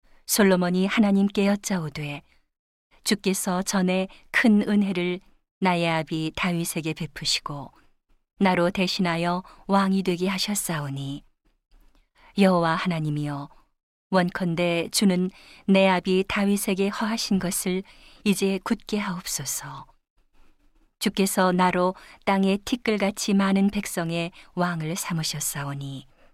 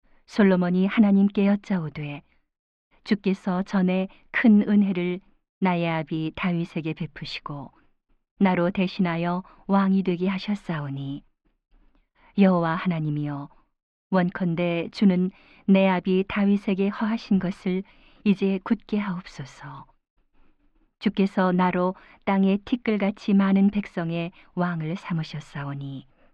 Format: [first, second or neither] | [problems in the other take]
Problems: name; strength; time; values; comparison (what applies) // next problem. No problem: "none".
first | muffled; slightly; fading above 3 kHz